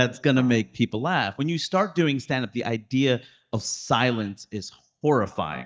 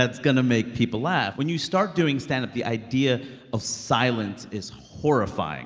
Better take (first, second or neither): second